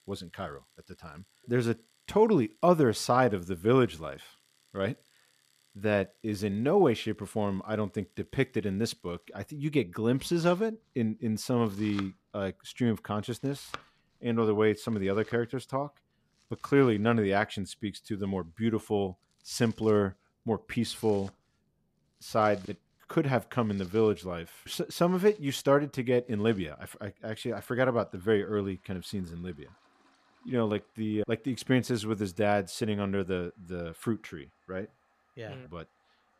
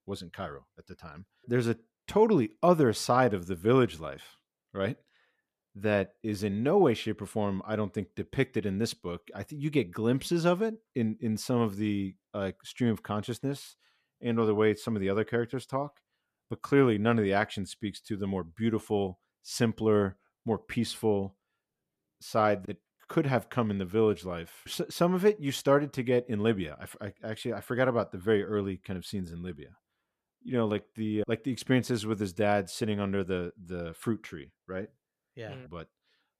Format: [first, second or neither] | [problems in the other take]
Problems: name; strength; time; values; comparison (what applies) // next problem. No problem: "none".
second | household noises; faint; throughout; 25 dB below the speech